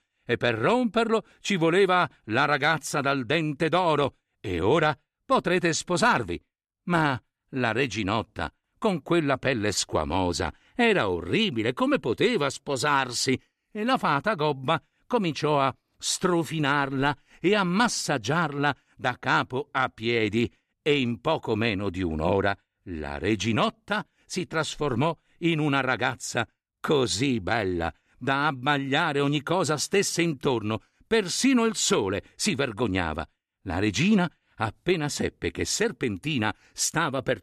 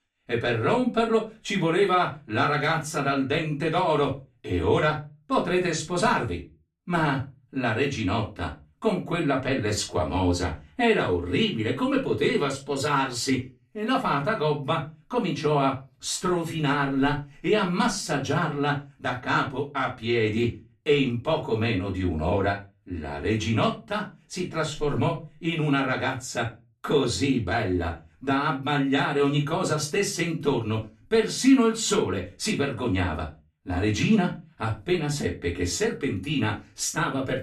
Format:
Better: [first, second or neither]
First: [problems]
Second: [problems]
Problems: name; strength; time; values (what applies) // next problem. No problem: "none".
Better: first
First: none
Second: off-mic speech; far // room echo; very slight; dies away in 0.2 s